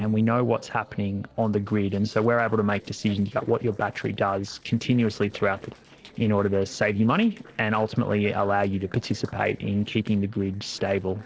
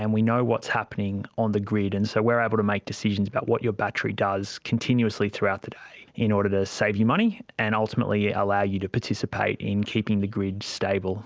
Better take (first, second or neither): second